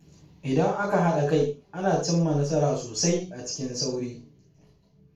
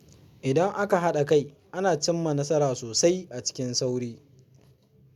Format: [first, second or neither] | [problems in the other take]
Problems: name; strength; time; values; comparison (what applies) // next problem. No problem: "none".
second | room echo; dies away in 0.3 s